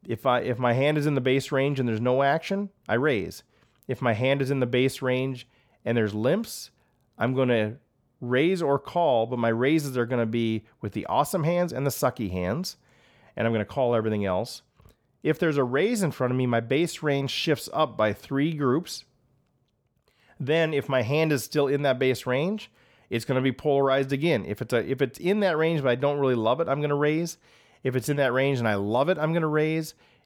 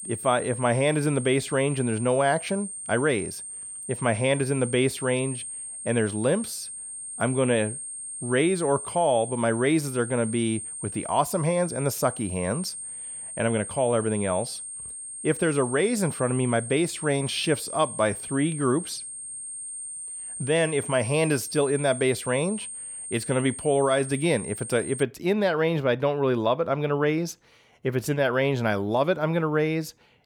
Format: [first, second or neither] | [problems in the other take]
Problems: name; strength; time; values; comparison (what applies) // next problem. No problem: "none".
first | high-pitched whine; loud; until 25 s; 8.5 kHz, 9 dB below the speech